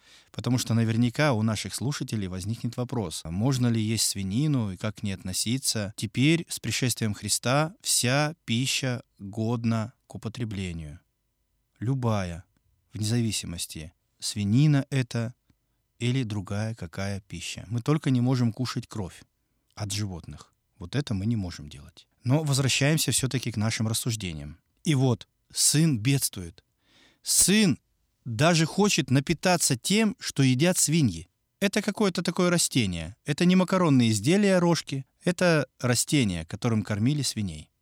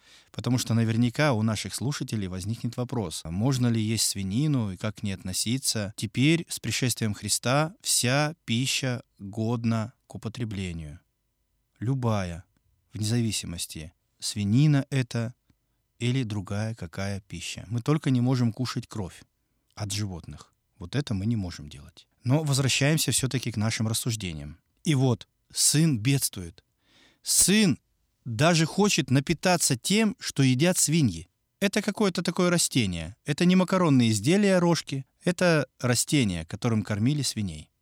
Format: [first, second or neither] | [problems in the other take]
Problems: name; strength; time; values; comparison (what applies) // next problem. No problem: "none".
neither | none